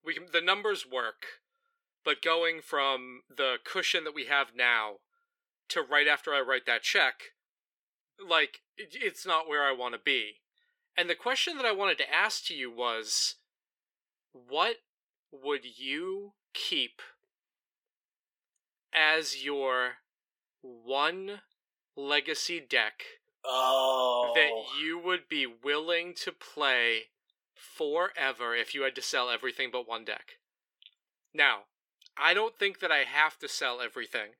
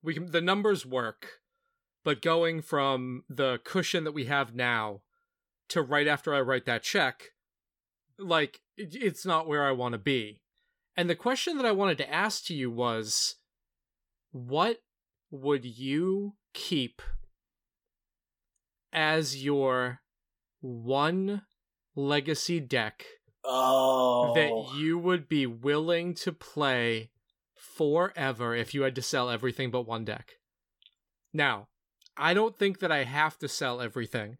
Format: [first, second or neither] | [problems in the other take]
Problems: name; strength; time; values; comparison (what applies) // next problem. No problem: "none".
second | thin; somewhat; fading below 350 Hz